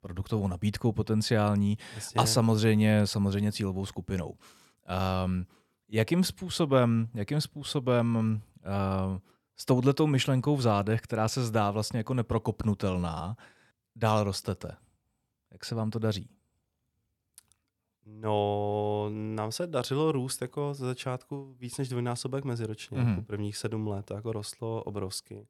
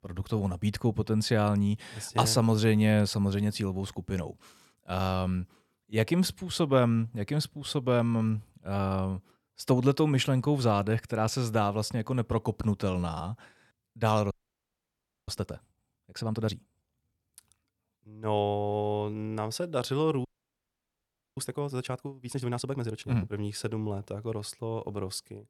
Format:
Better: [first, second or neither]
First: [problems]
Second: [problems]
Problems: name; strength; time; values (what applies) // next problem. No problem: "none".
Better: first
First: none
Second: audio freezing; at 14 s for 1 s and at 20 s for 1 s